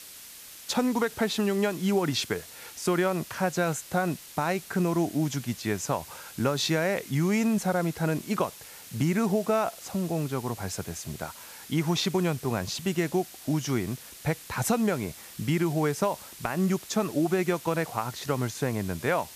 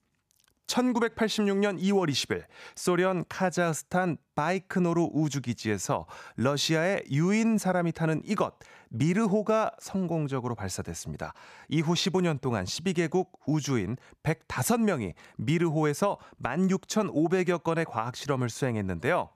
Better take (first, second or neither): second